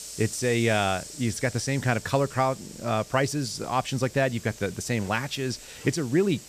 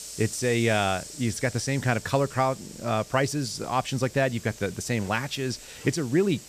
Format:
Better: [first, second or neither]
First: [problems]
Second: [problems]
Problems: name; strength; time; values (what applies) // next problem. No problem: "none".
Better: neither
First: hiss; noticeable; throughout; 15 dB below the speech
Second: hiss; noticeable; throughout; 15 dB below the speech